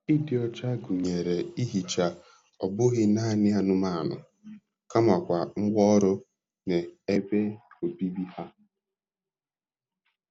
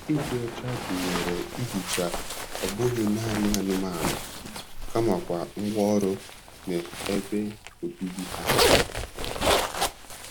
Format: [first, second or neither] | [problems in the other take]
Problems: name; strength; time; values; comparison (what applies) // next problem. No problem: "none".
first | background sound (Zipper (clothing)); as loud as the speech